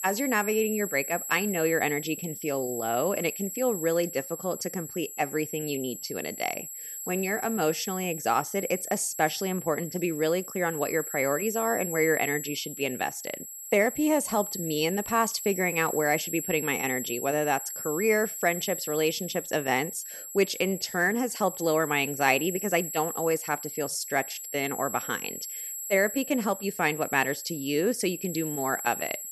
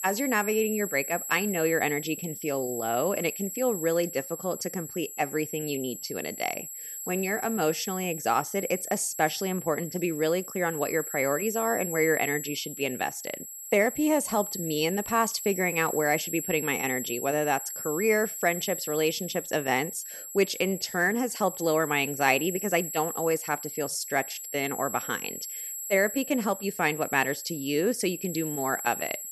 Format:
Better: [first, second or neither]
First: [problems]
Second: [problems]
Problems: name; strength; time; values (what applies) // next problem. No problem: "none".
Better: neither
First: high-pitched whine; loud; throughout; 7.5 kHz, 7 dB below the speech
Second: high-pitched whine; loud; throughout; 7.5 kHz, 7 dB below the speech